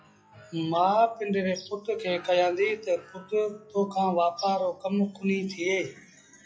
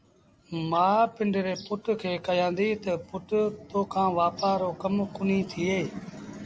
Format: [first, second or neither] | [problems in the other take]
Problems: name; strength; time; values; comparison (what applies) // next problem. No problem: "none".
second | noise reduction (classical method WPE with log-MMSE)